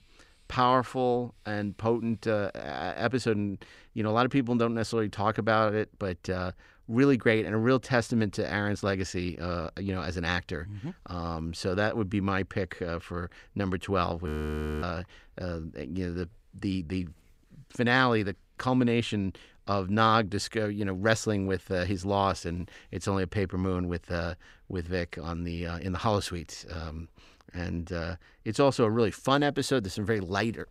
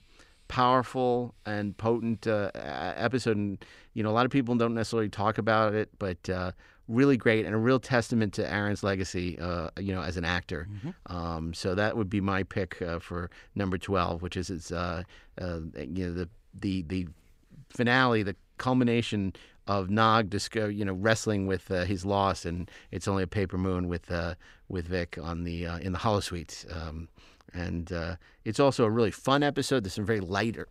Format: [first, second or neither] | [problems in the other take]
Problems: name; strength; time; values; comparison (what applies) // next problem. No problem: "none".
second | audio freezing; at 14 s for 0.5 s